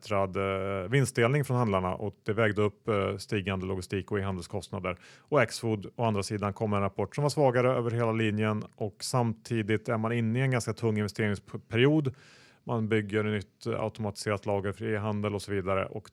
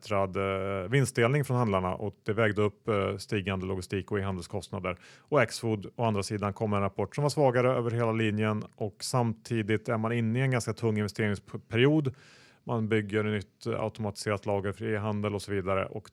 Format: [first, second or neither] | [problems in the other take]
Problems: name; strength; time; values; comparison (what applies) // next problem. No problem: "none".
neither | none